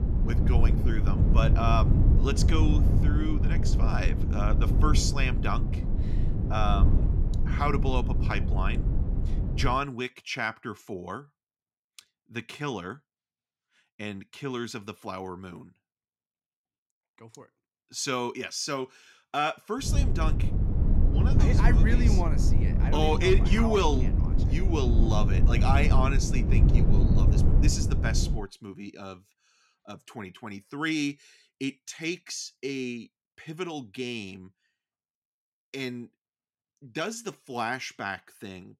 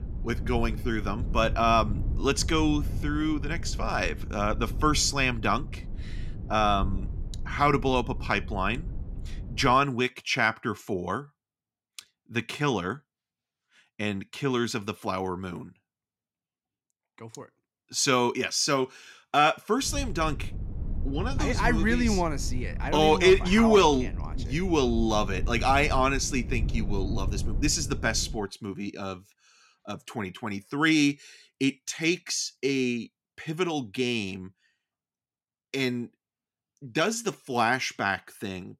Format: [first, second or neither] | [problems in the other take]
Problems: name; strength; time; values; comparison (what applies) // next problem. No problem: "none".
second | wind noise on the microphone; heavy; until 10 s and from 20 to 28 s; 6 dB below the speech; occasional gusts in the second